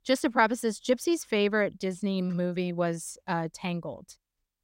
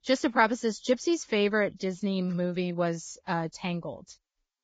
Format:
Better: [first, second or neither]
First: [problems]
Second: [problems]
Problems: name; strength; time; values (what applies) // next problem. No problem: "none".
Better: first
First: none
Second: garbled, watery; badly; nothing above 7.5 kHz